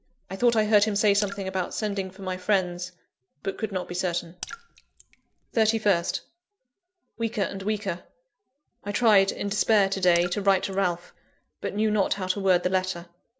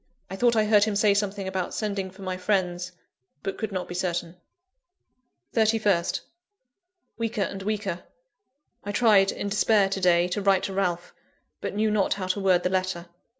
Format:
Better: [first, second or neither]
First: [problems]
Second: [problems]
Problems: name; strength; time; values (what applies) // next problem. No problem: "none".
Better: second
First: background sound (Raindrop / Splash, splatter); 17 dB below the speech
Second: none